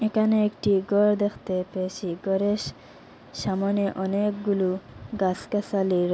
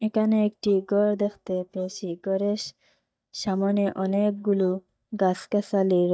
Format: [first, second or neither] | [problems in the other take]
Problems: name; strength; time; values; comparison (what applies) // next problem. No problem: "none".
first | noise reduction (neural mask model DeepFilterNet 3)